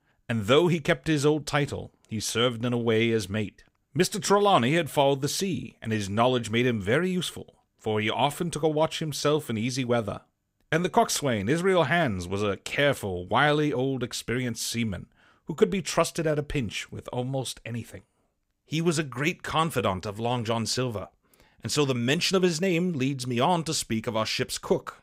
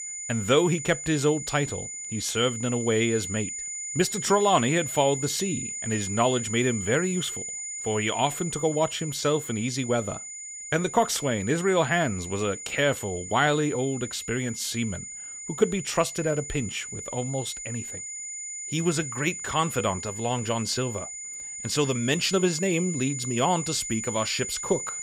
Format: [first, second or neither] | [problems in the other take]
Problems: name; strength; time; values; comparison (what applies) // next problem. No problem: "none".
first | high-pitched whine; loud; throughout; 7 kHz, 7 dB below the speech